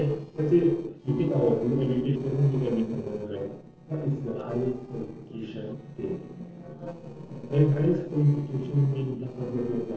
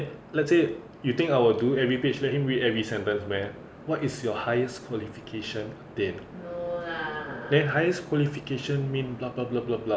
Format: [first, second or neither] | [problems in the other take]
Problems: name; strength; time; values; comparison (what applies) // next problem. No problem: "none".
second | noise reduction (neural separator model SepFormer DNS4)